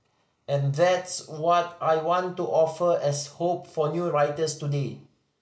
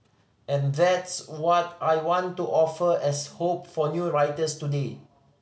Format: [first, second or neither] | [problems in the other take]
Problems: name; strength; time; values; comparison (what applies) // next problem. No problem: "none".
second | noise reduction (neural mask model Resemble Enhance denoiser)